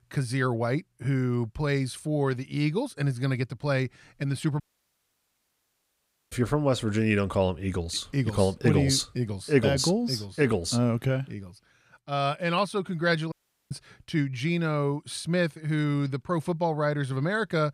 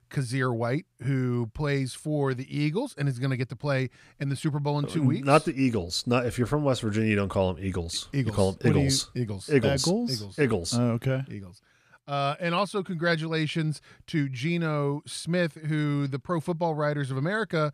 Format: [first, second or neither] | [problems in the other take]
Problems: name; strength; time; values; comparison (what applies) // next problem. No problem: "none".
second | audio cutting out; at 4.5 s for 1.5 s and at 13 s